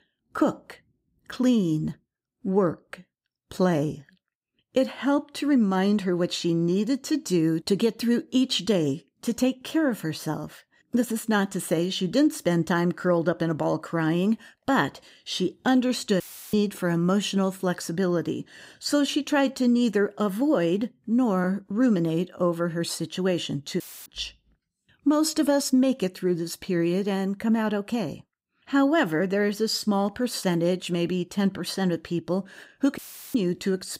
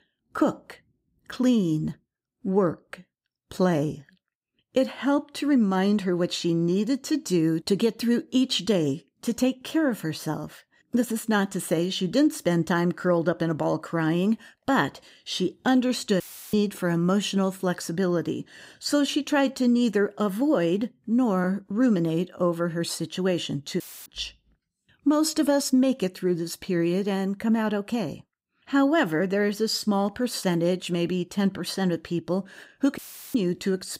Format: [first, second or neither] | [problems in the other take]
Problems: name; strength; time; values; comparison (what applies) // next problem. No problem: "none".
neither | audio cutting out; filled with static; at 16 s, at 24 s and at 33 s; the same in both